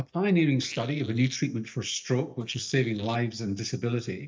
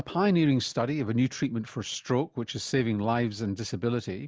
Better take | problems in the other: second | noise reduction (neural mask model DeepFilterNet 3)

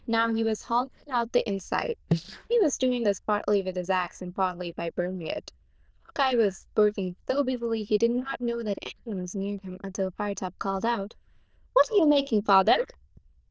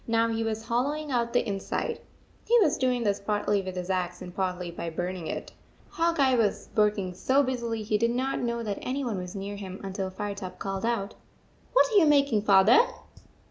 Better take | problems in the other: second | noise reduction (neural diffusion model UNIVERSE++)

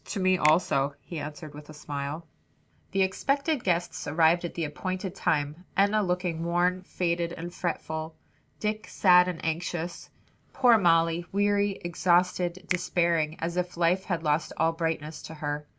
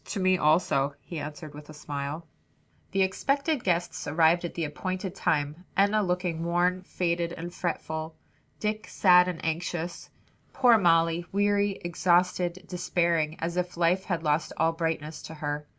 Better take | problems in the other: second | background sound (Finger snapping); 15 dB below the speech

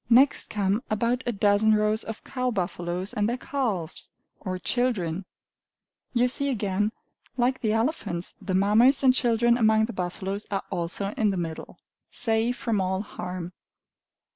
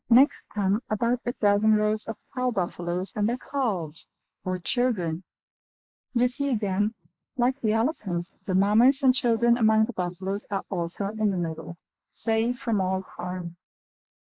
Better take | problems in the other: first | noise reduction (neural mask model Resemble Enhance denoiser)

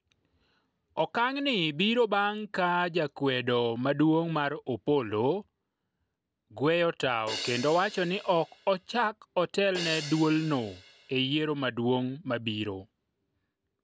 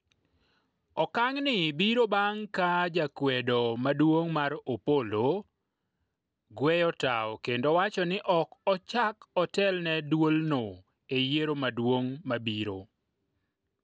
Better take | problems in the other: second | background sound (Crash cymbal); 12 dB below the speech

